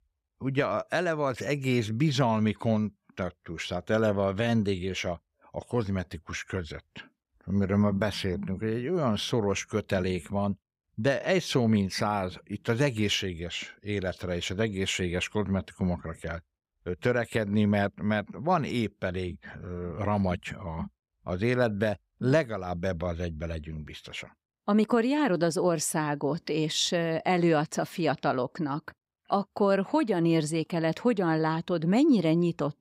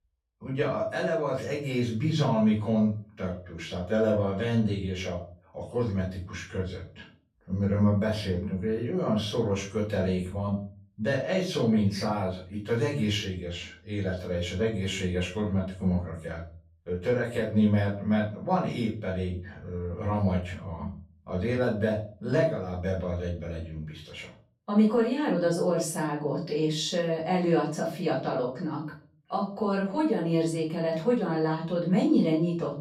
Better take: first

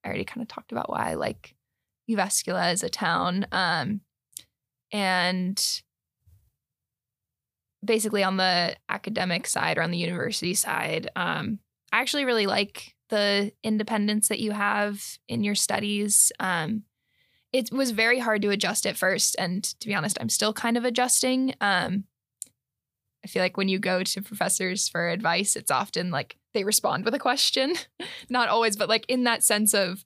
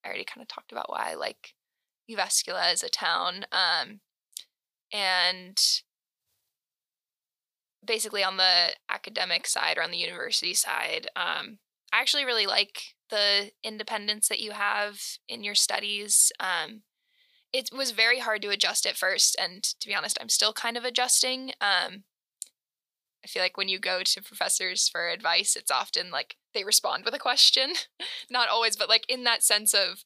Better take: first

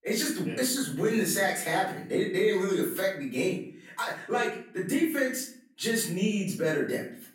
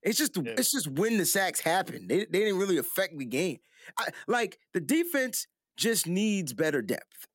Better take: second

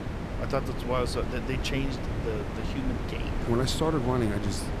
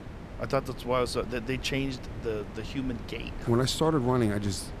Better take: second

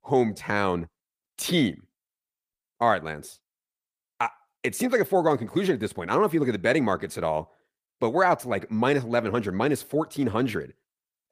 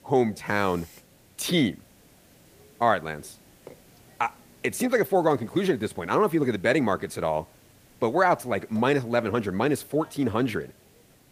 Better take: first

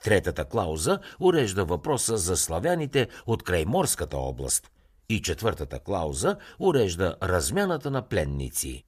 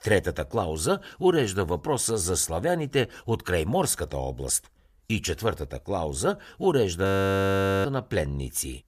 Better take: first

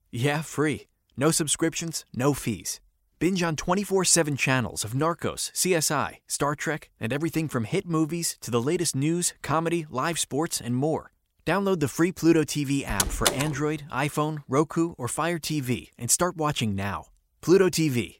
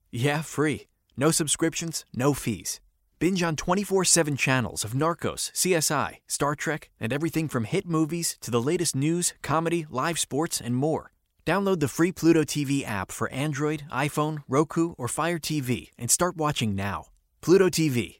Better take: second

